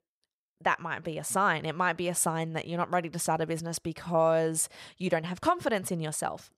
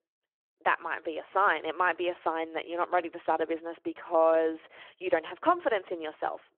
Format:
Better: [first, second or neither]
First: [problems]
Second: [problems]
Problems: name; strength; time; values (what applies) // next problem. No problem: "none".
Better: first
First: none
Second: phone-call audio